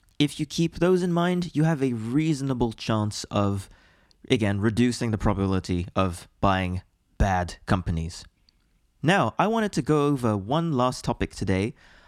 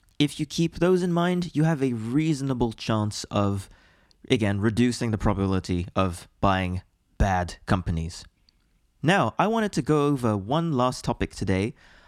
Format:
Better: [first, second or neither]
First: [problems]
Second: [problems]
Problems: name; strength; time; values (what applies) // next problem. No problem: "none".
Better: neither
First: none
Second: none